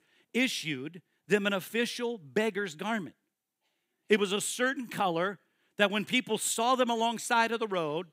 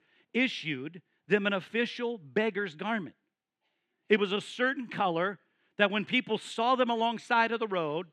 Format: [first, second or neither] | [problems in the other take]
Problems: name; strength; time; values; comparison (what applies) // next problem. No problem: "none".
first | muffled; slightly; fading above 3 kHz